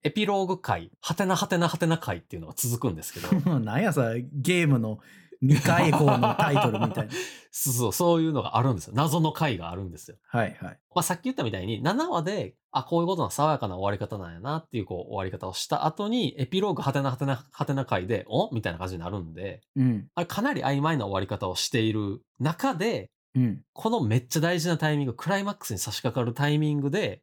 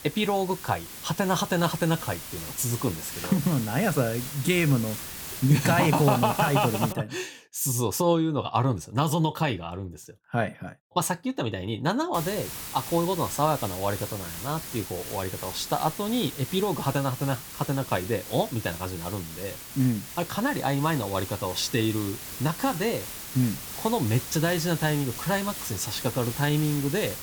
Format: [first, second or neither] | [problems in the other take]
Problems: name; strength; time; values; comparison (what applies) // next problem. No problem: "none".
first | hiss; loud; until 7 s and from 12 s on; 9 dB below the speech